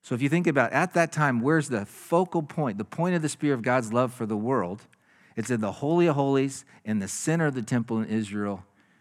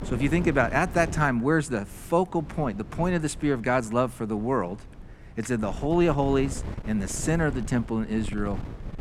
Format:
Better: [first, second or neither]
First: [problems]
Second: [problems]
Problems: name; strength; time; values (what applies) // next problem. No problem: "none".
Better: first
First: none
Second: wind noise on the microphone; occasional gusts; 20 dB below the speech